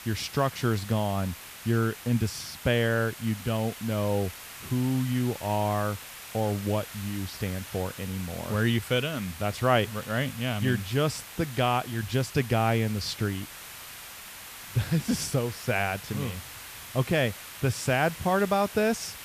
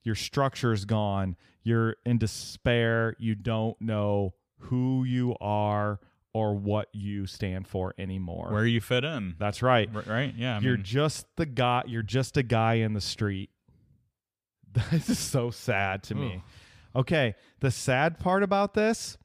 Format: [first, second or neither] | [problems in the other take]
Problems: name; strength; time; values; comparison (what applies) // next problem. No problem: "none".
second | hiss; noticeable; throughout; 10 dB below the speech